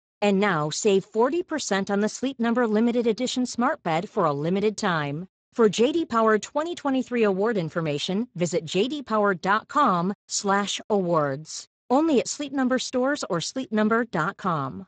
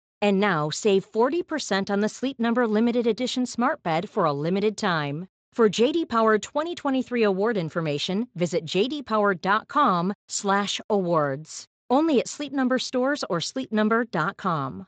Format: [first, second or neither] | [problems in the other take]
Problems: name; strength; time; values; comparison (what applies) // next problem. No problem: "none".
second | garbled, watery; badly; nothing above 7.5 kHz; slightly in the second